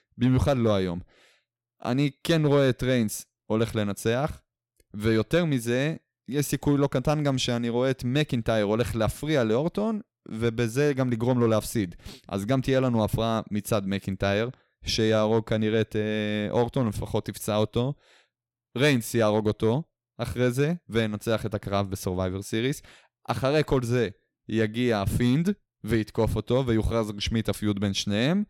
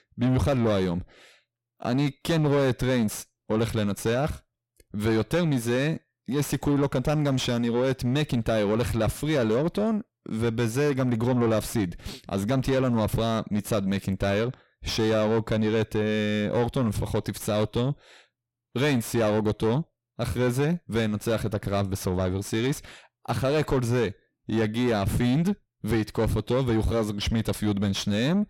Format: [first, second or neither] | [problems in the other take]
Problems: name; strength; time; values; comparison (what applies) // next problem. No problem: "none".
first | distortion; slight; 10 dB below the speech